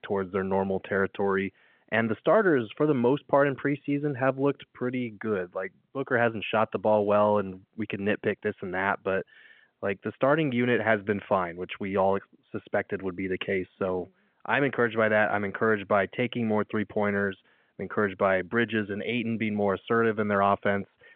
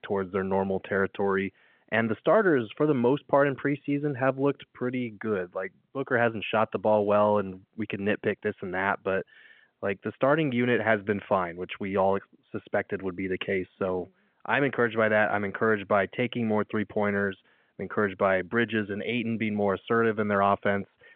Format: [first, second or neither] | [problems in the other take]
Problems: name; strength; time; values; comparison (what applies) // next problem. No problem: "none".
neither | phone-call audio; the same in both